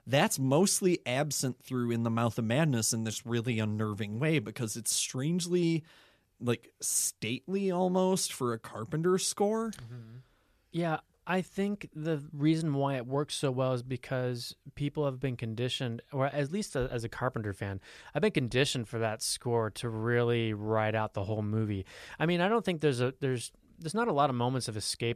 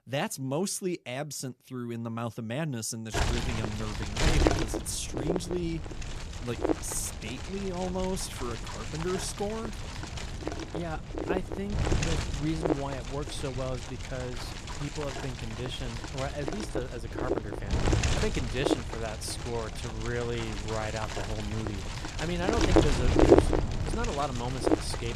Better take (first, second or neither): first